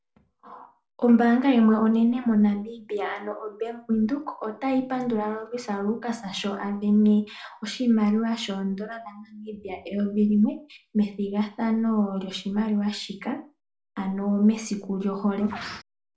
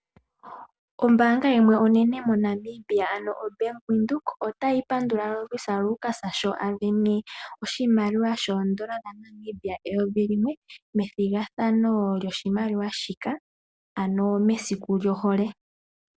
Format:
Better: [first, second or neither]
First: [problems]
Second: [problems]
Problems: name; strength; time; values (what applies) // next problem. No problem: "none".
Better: second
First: noise reduction (neural separator model SepFormer DNS4)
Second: none